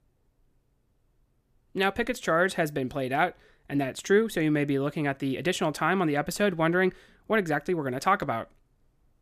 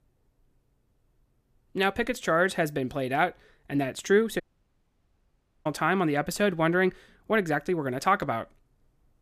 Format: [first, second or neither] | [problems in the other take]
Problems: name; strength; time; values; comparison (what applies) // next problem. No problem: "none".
first | audio cutting out; at 4.5 s for 1.5 s